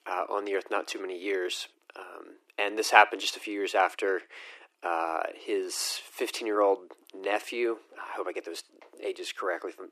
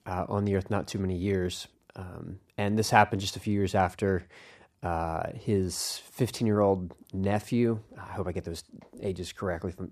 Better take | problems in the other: second | thin; very; fading below 300 Hz

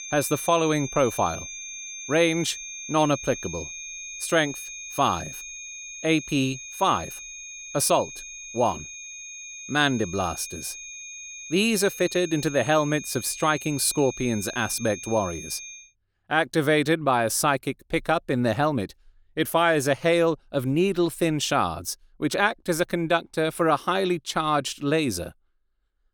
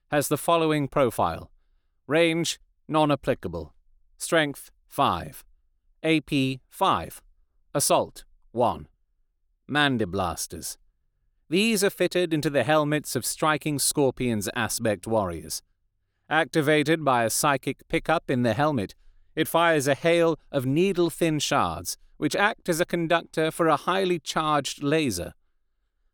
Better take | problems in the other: second | high-pitched whine; noticeable; until 16 s; 6.5 kHz, 10 dB below the speech

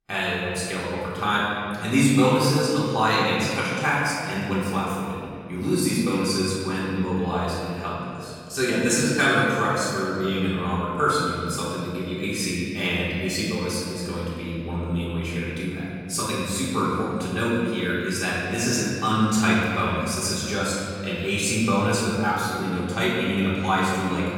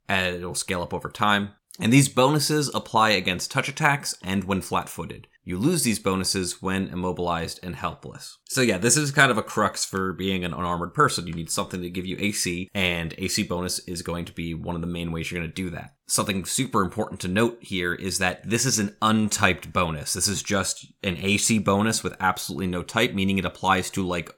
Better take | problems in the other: second | off-mic speech; far // room echo; strong; dies away in 2.3 s

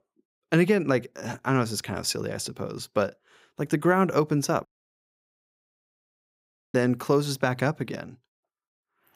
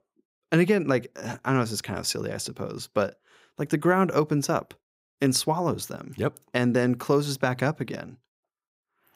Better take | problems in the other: second | audio cutting out; at 4.5 s for 2 s

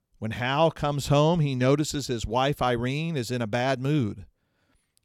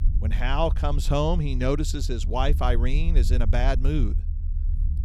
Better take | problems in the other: first | low rumble; noticeable; throughout; 15 dB below the speech

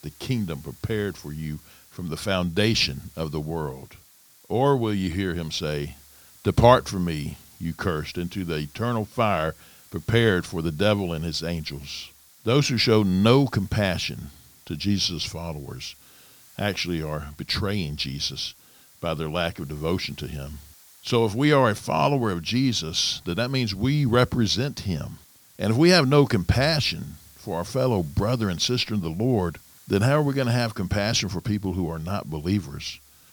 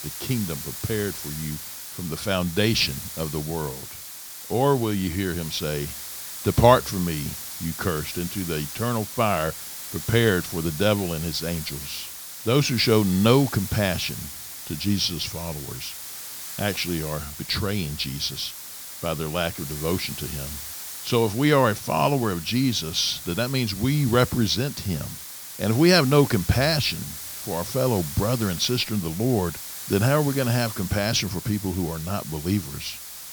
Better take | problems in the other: first | hiss; loud; throughout; 9 dB below the speech; faint in the first

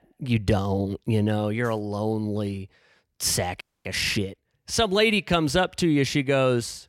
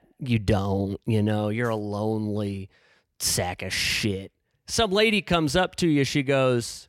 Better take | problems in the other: second | audio freezing; at 3.5 s

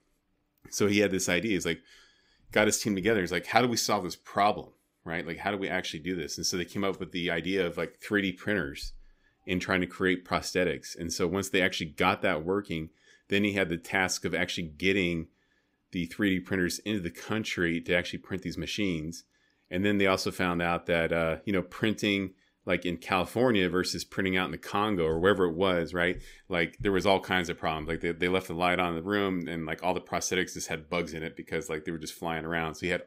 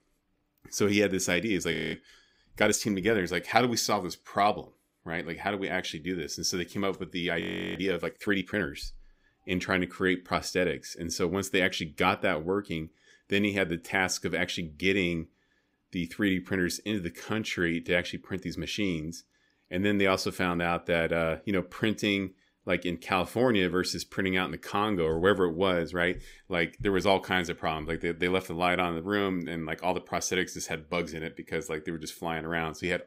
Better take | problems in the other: first | audio freezing; at 1.5 s and at 7.5 s

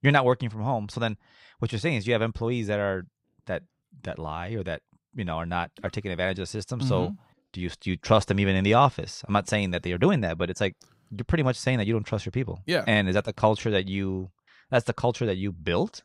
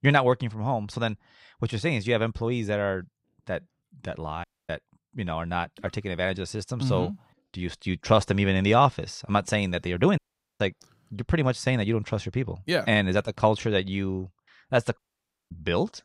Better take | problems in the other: first | audio cutting out; at 4.5 s, at 10 s and at 15 s for 0.5 s

